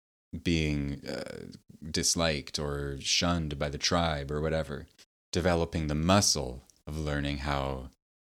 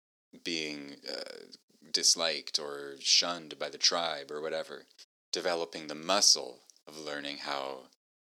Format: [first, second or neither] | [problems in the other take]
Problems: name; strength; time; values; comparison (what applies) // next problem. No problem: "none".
first | thin; somewhat; fading below 350 Hz